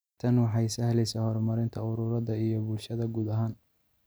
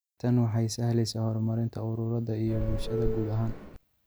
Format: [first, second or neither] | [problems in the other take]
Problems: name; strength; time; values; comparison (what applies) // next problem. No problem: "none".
first | background sound (Subway, metro, underground / Doorbell); 3 dB below the speech